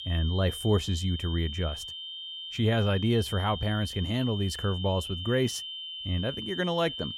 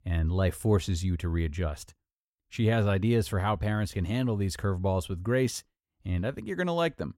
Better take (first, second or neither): second